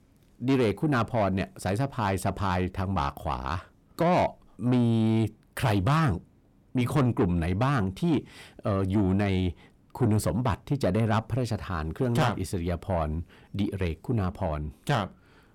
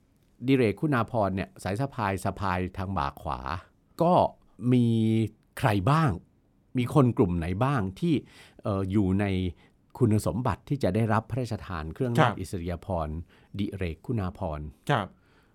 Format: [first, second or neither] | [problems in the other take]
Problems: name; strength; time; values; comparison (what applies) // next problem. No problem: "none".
second | distortion; slight; 10 dB below the speech